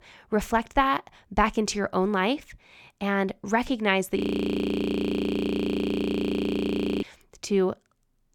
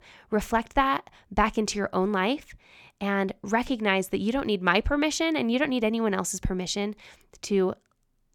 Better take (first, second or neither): second